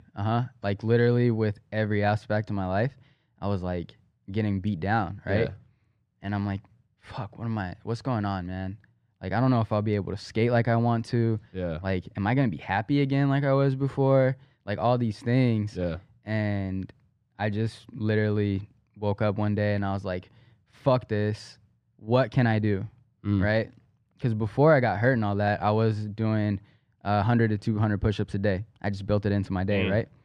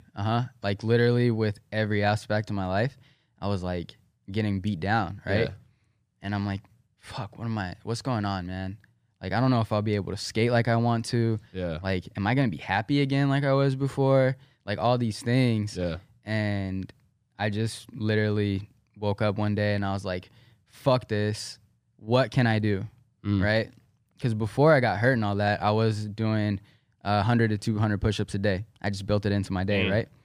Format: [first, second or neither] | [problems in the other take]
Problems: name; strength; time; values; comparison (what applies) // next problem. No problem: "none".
second | muffled; very slightly; fading above 2 kHz